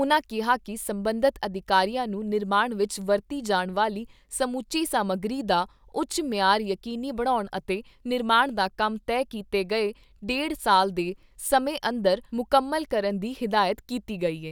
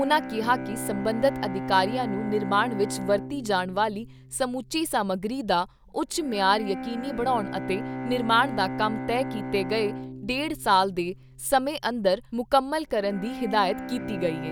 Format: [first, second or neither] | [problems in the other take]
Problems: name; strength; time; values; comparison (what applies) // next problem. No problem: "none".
first | background sound (Bowed string instrument); 9 dB below the speech